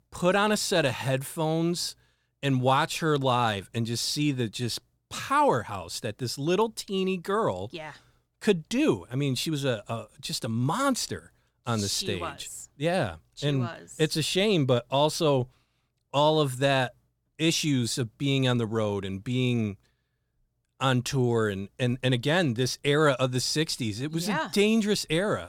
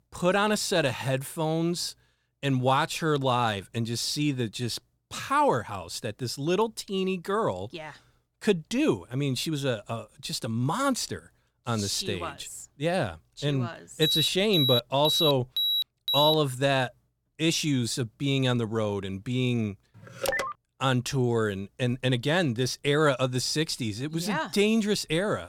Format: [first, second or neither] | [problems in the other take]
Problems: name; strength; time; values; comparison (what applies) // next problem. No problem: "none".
first | alarm; loud; from 14 to 16 s; peak 3 dB above the speech // phone ringing; noticeable; at 20 s; peak 1 dB below the speech